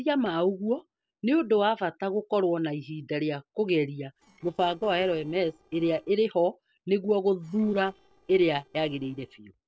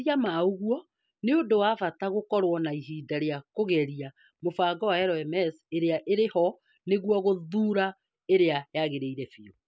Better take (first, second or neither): second